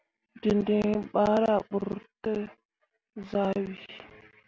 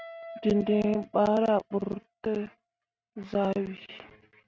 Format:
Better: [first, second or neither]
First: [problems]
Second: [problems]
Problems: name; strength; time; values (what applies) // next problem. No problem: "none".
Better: first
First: none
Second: noise reduction (neural mask model RNNoise)